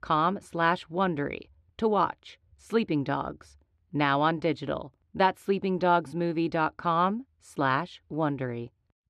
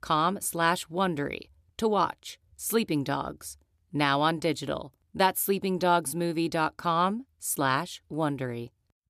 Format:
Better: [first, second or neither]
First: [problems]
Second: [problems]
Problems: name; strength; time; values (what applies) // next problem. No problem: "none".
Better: second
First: muffled; slightly; fading above 2.5 kHz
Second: none